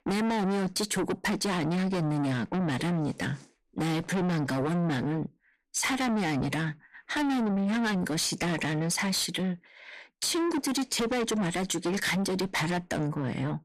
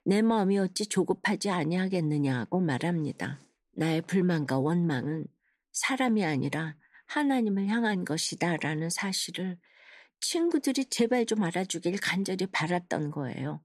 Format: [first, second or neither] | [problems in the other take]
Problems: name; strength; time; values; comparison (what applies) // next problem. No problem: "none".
second | distortion; heavy; 6 dB below the speech